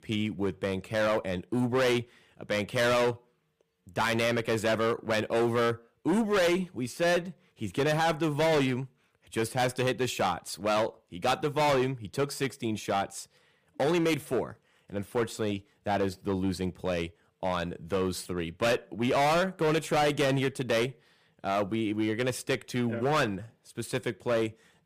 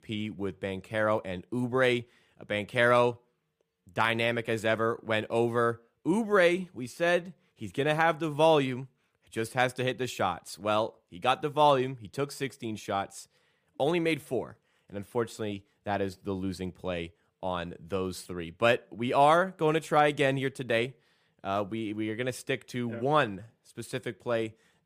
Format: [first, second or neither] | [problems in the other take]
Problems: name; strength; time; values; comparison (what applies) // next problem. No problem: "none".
second | distortion; heavy; 12% of the sound clipped